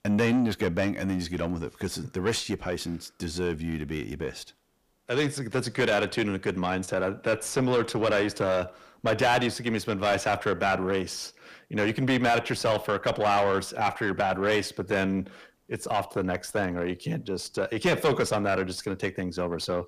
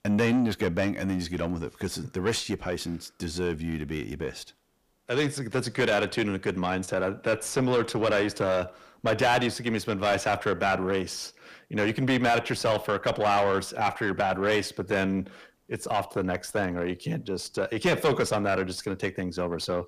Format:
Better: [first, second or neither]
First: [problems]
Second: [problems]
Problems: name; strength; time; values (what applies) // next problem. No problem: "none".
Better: neither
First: distortion; heavy; 6 dB below the speech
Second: distortion; heavy; 6 dB below the speech